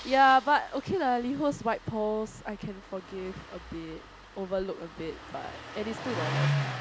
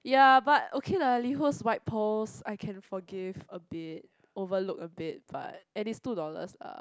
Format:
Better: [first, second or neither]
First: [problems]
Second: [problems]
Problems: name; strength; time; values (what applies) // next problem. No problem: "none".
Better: second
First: background sound (Engine starting); 7 dB below the speech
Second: none